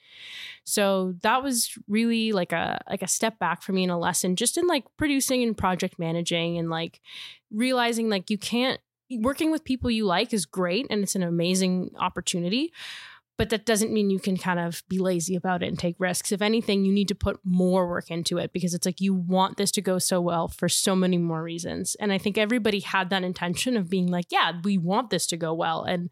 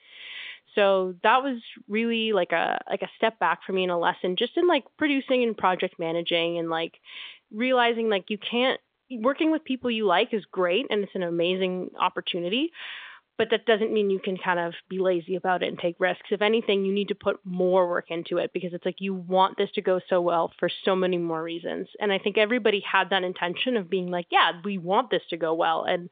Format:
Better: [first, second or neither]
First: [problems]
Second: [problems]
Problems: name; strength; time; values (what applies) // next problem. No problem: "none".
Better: first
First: none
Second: phone-call audio; nothing above 3 kHz